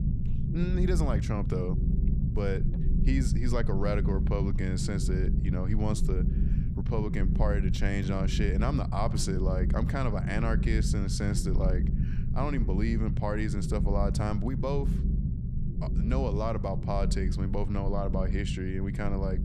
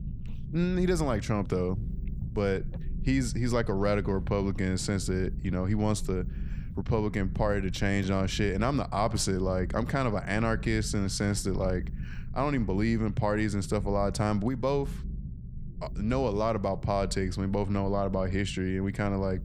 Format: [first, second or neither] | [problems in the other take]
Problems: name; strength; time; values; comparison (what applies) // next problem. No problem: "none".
second | low rumble; loud; throughout; 7 dB below the speech; faint in the second